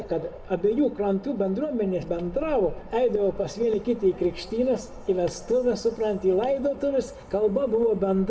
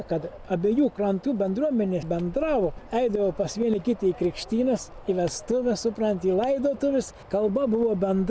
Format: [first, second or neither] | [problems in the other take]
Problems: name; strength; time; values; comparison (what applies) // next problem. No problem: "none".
second | room echo; dies away in 1.6 s